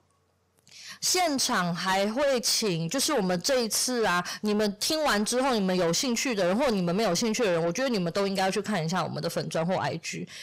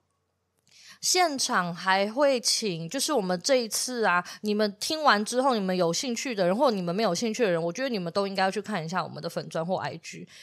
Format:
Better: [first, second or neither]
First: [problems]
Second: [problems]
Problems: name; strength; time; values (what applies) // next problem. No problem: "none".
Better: second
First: distortion; heavy; 6 dB below the speech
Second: none